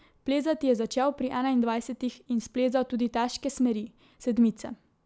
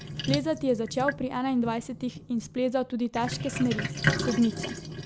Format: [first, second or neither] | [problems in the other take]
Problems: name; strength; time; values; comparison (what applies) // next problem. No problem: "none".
first | background sound (Sink (filling or washing)); 5 dB below the speech